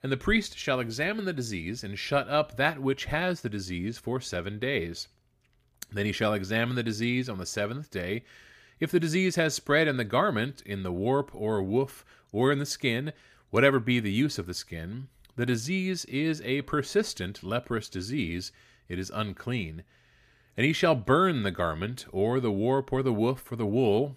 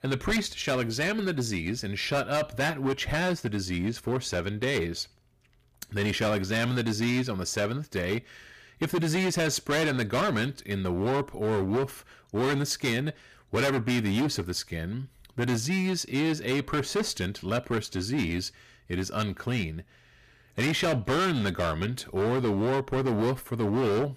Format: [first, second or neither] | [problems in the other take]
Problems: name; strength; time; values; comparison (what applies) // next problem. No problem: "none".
first | distortion; heavy; 16% of the sound clipped